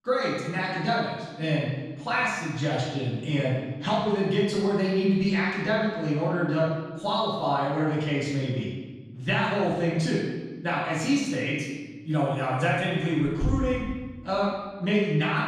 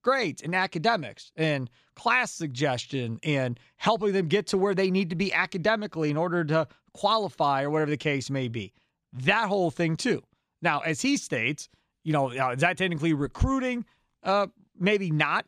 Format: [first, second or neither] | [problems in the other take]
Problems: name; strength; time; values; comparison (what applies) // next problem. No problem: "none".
second | off-mic speech; far // room echo; noticeable; dies away in 1.3 s